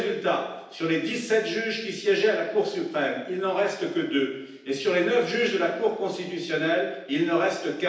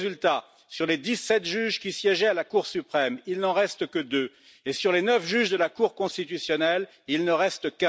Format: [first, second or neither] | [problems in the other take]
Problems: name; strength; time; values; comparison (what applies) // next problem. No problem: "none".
second | room echo; dies away in 0.9 s